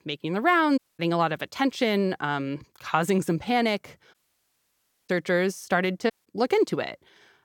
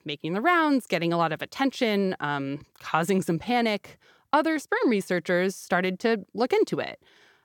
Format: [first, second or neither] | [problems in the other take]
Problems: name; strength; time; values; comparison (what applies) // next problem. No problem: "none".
second | audio cutting out; at 1 s, at 4 s for 1 s and at 6 s